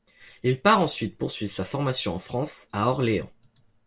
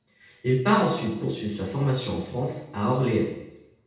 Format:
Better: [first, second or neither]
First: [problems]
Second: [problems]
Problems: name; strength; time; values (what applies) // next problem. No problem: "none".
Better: first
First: none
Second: room echo; dies away in 0.8 s